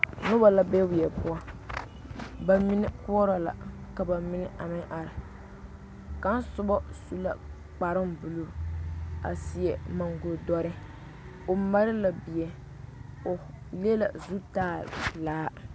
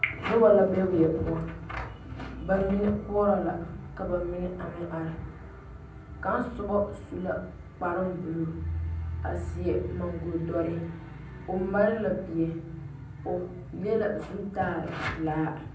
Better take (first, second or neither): first